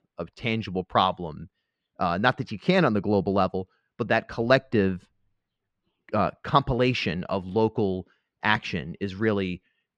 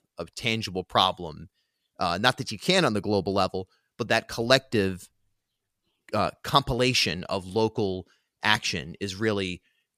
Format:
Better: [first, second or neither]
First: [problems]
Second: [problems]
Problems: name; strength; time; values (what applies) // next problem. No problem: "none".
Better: second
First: muffled; slightly; fading above 2.5 kHz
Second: none